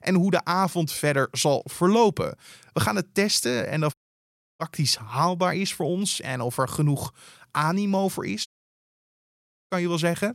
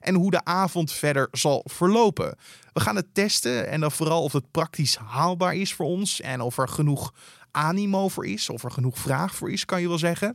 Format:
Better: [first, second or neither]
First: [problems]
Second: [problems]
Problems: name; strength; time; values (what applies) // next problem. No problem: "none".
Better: second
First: audio cutting out; at 4 s for 0.5 s and at 8.5 s for 1 s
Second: none